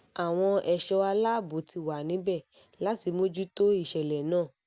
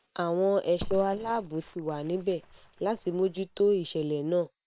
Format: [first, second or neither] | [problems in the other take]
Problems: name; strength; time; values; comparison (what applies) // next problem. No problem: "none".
first | noise reduction (neural separator model SepFormer WHAM!)